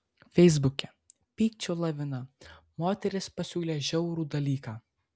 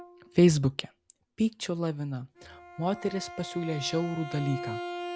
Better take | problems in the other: first | background sound (Bowed string instrument); 12 dB below the speech

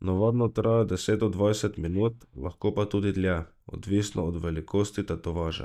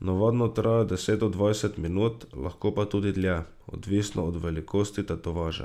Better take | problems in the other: second | noise reduction (neural mask model DeepFilterNet 3)

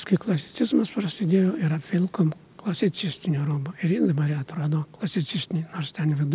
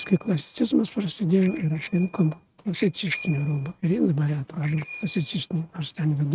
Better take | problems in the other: first | noise reduction (neural mask model RNNoise)

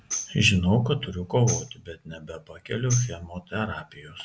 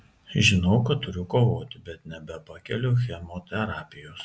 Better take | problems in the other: second | background sound (Tambourine); 12 dB below the speech

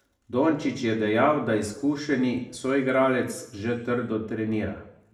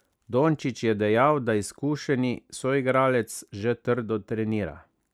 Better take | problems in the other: second | room echo; dies away in 0.7 s

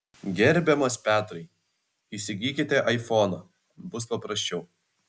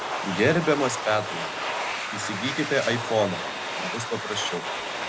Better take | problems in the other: first | background sound (Domestic sounds, home sounds); 3 dB below the speech

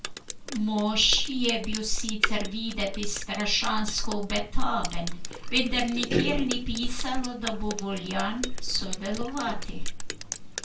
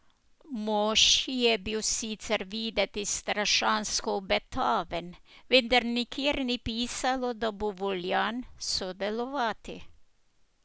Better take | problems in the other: second | background sound (Drip); 10 dB below the speech // room echo; dies away in 0.2 s

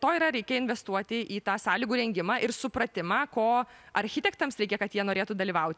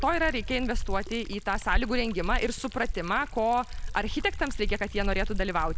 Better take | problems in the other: first | background sound (Liquid); 2 dB below the speech

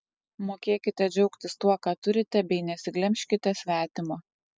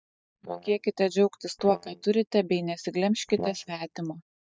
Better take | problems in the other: first | noise reduction (neural mask model DeepFilterNet 3)

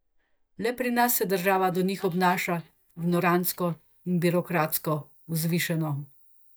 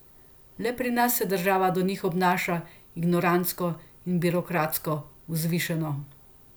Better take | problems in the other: second | noise reduction (neural mask model DeepFilterNet 3)

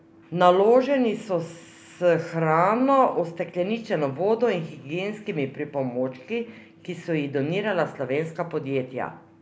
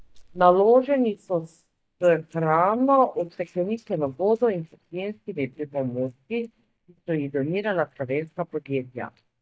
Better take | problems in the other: first | noise reduction (neural mask model DeepFilterNet 3)

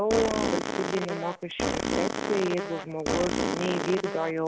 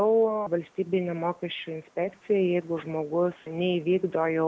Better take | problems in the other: second | background sound (Fart); as loud as the speech

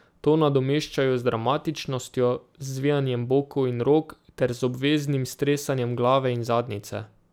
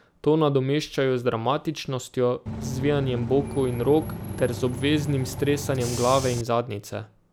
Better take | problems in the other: first | background sound (Bus / Engine); 8 dB below the speech

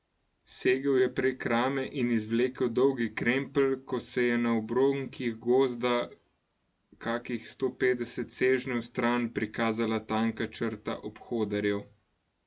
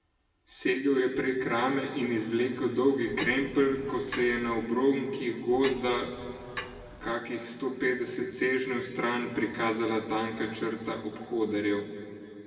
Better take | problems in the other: first | background sound (Clock); 13 dB below the speech // room echo; dies away in 2.3 s

